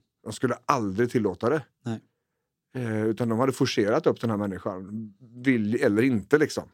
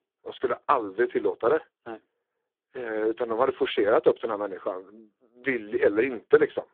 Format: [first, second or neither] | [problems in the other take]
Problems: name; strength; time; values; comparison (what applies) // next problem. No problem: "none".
first | phone-call audio; poor line